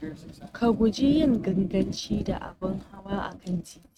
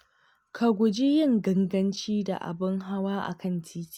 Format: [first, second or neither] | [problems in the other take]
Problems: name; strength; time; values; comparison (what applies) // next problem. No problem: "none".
second | noise reduction (neural mask model RNNoise)